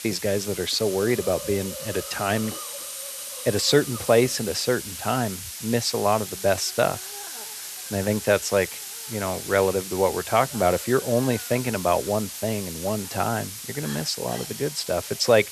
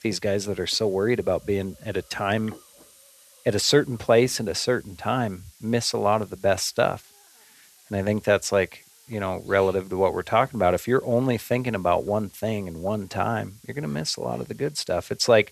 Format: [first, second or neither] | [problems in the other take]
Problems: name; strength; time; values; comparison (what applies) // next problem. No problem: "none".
second | hiss; loud; throughout; 8 dB below the speech; faint in the second